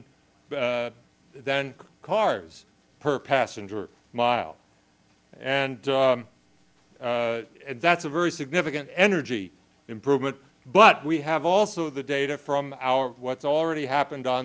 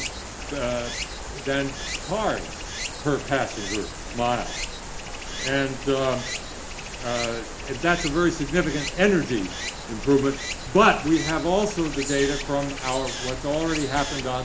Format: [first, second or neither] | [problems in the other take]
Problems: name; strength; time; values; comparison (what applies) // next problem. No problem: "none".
first | background sound (Stream); 7 dB below the speech // room echo; dies away in 0.4 s